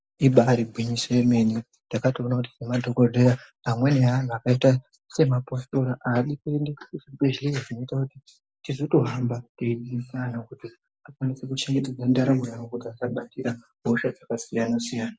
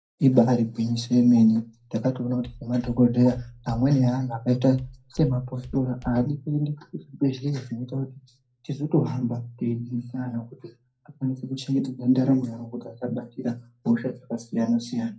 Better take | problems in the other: first | background sound (Walk, footsteps); 18 dB below the speech // room echo; dies away in 0.2 s

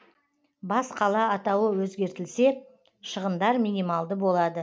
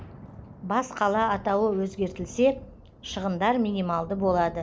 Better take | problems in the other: first | background sound (Thunder / Rain); 17 dB below the speech

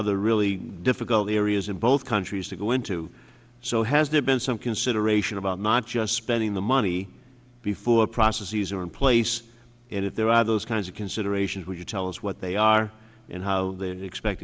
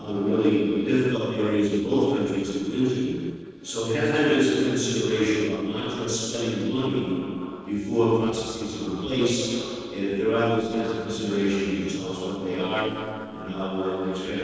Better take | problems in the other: first | noise reduction (neural separator model SepFormer DNS4)

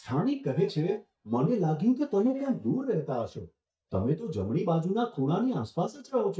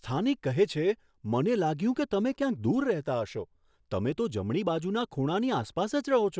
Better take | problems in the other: second | noise reduction (neural mask model DeepFilterNet 3)

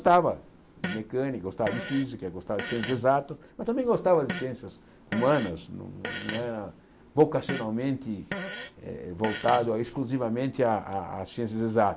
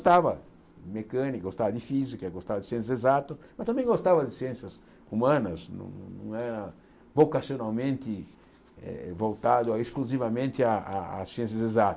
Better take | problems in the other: second | background sound (Fart); 11 dB below the speech

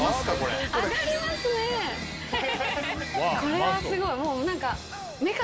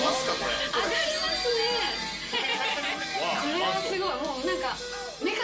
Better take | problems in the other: first | background sound (Wind instrument, woodwind instrument); 8 dB below the speech // room echo; dies away in 0.2 s

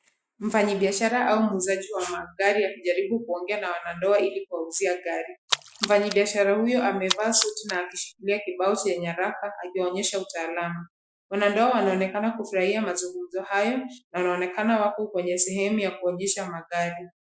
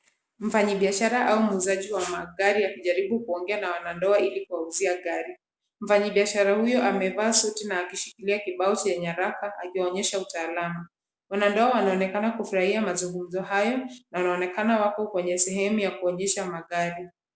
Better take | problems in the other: second | noise reduction (classical method Wiener filter)

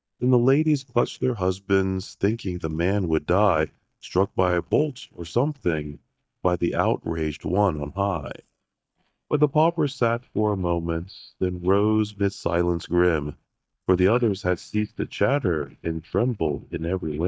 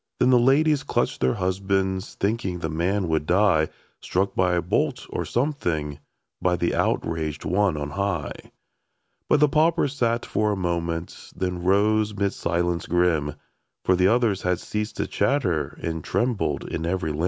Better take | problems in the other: second | noise reduction (neural mask model DeepFilterNet 3)

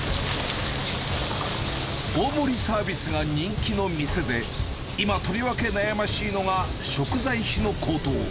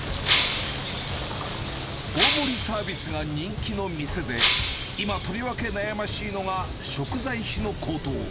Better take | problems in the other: first | background sound (Shatter); as loud as the speech

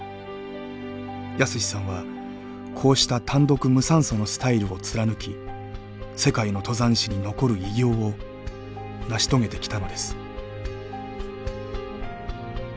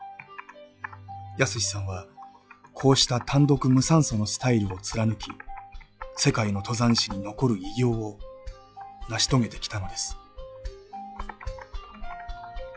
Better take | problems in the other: first | noise reduction (classical method log-MMSE)

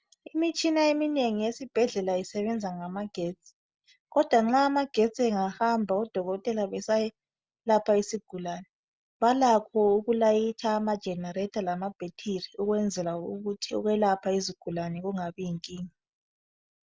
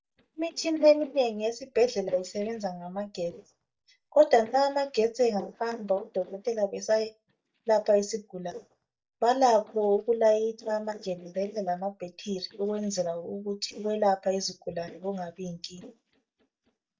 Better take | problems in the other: first | noise reduction (neural mask model DeepFilterNet 3)

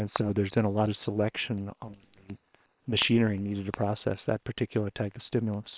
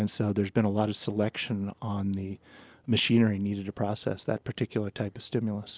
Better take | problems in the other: second | noise reduction (neural separator model SepFormer WHAM!)

